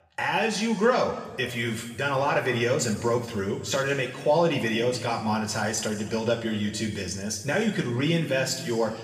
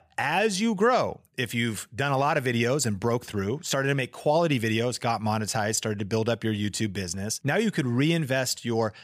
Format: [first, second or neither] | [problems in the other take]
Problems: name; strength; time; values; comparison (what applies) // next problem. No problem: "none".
second | room echo; noticeable; dies away in 1.6 s // off-mic speech; somewhat distant